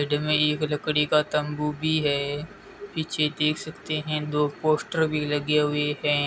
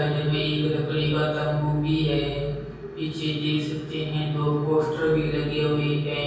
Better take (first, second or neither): first